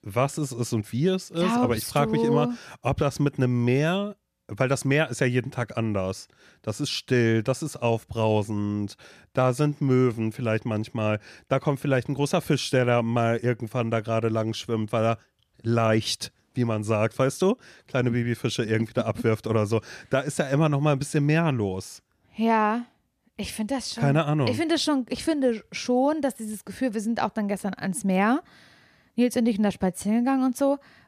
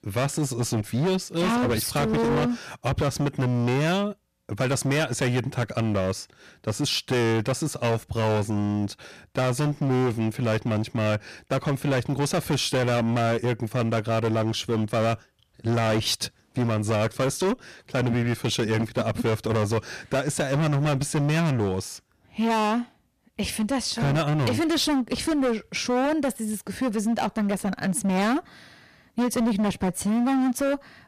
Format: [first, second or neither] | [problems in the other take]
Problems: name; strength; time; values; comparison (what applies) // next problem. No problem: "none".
first | distortion; heavy; 22% of the sound clipped